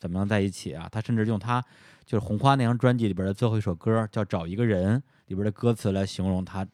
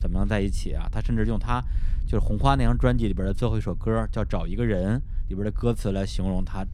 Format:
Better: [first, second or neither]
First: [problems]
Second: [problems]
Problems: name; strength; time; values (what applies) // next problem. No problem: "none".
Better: first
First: none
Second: low rumble; faint; throughout; 25 dB below the speech